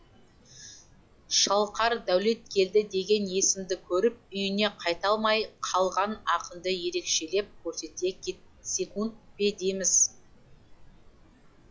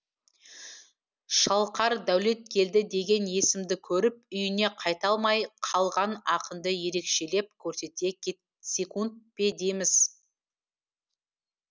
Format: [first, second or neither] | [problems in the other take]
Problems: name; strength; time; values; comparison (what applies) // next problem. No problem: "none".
second | noise reduction (classical method log-MMSE)